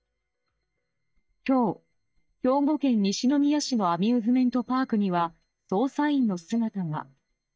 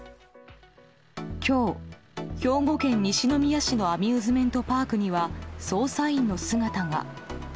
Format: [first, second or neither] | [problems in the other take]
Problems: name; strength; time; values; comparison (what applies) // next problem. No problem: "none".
second | noise reduction (neural mask model DeepFilterNet 3)